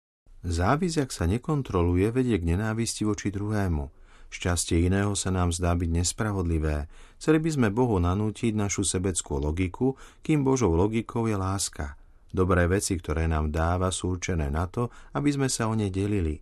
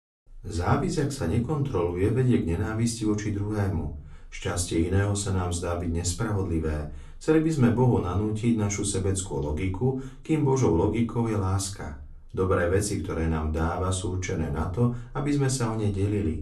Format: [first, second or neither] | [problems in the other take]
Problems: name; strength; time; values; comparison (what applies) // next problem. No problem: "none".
first | off-mic speech; somewhat distant // room echo; very slight; dies away in 0.3 s